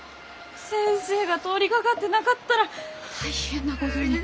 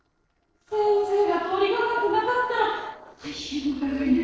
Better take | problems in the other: first | noise reduction (neural separator model SepFormer DNS4)

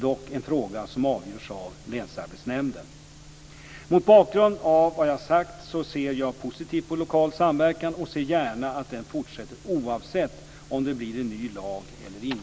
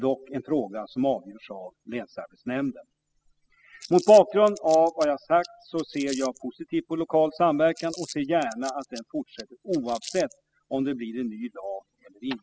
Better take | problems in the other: first | noise reduction (classical method spectral subtraction)

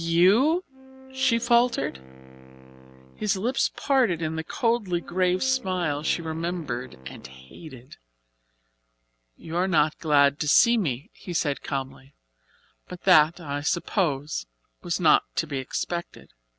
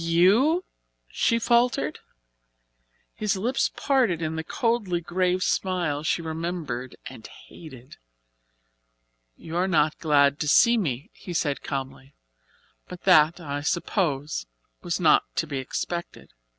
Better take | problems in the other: second | background sound (Wind instrument, woodwind instrument); 20 dB below the speech

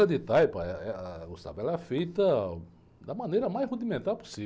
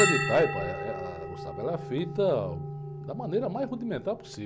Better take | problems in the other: first | background sound (Bell); 4 dB below the speech

